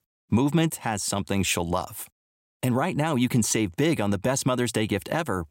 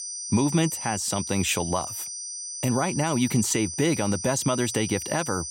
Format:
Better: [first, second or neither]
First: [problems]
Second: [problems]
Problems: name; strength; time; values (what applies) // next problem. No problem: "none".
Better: first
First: none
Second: high-pitched whine; loud; throughout; 6 kHz, 6 dB below the speech